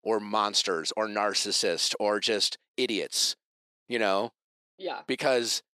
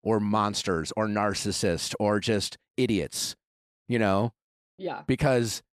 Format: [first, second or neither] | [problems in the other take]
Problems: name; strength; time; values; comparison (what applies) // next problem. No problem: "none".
second | thin; somewhat; fading below 400 Hz